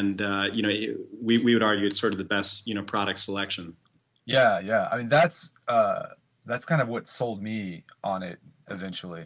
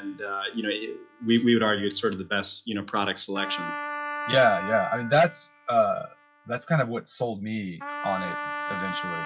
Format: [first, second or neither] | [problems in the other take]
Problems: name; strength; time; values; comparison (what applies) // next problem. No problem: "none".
first | noise reduction (classical method log-MMSE)